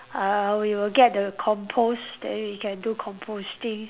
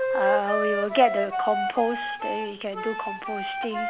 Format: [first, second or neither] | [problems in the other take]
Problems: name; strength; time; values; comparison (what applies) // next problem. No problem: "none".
first | background sound (Wind instrument, woodwind instrument); 1 dB below the speech